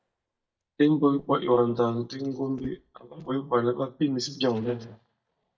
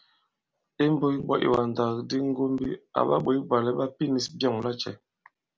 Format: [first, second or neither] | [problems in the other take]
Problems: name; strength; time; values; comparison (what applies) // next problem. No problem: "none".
second | noise reduction (neural mask model DeepFilterNet 3)